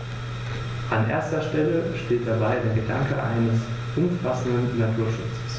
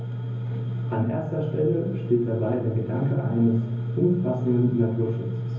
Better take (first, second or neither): first